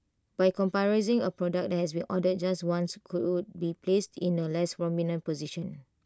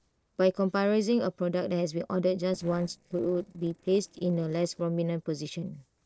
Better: first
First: none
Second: noise reduction (neural separator model SepFormer DNS4)

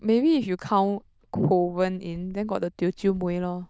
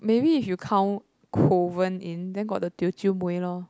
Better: second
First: noise reduction (neural diffusion model UNIVERSE++)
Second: none

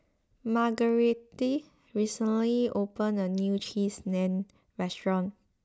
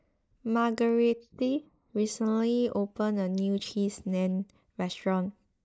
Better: first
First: none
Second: noise reduction (neural mask model Resemble Enhance denoiser)

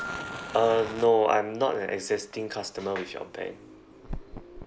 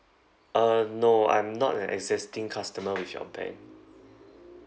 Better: second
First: background sound (Piano + Fire); 13 dB below the speech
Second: none

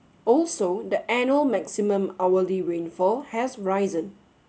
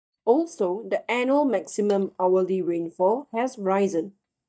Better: first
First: none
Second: noise reduction (neural mask model DeepFilterNet 3)

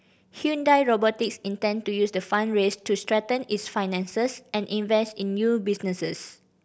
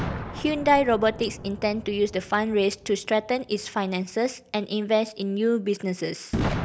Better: first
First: none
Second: background sound (Boom); 10 dB below the speech

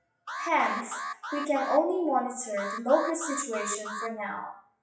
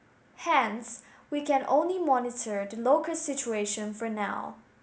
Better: second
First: noise reduction (classical method WPE with log-MMSE)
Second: none

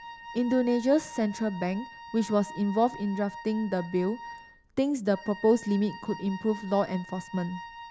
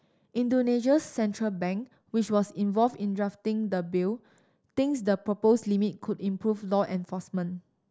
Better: second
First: background sound (Wind instrument, woodwind instrument); 15 dB below the speech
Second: none

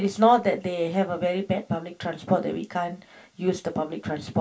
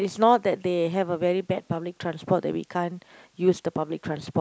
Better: second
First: room echo; dies away in 0.2 s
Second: none

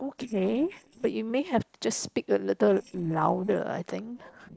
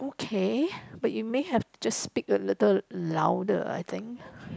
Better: second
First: noise reduction (neural separator model SepFormer DNS4)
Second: none

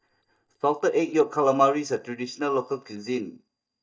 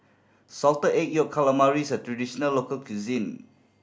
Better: second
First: noise reduction (neural mask model DeepFilterNet 3)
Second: none

